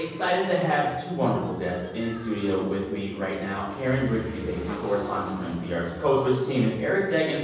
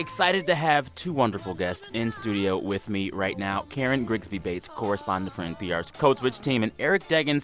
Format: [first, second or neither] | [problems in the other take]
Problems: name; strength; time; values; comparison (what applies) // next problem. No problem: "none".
second | background sound (Motorcycle / Engine); 18 dB below the speech // room echo; dies away in 1.1 s